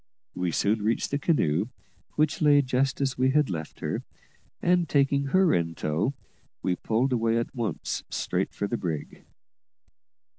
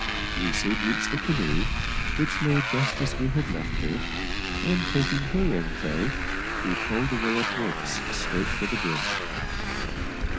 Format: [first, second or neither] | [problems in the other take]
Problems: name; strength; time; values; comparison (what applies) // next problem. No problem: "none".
first | background sound (Motorcycle); 1 dB above the speech